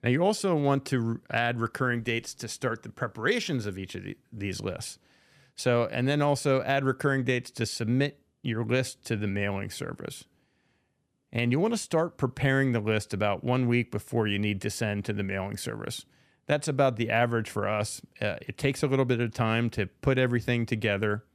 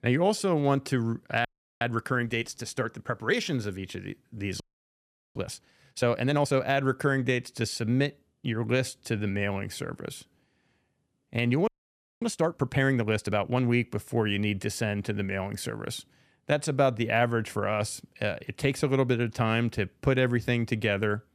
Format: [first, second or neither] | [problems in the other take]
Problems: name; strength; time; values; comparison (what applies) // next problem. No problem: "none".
first | audio freezing; at 1.5 s, at 4.5 s for 1 s and at 12 s for 0.5 s